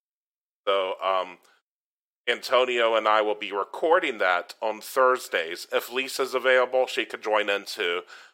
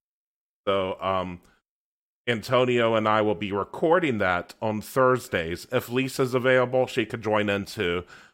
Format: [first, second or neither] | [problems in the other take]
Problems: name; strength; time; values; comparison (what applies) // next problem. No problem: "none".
second | thin; very; fading below 450 Hz